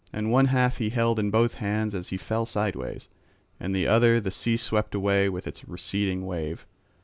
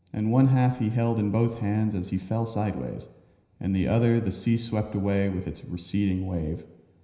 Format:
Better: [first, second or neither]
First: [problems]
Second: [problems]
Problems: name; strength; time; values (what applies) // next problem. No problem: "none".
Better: first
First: none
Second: room echo; dies away in 0.9 s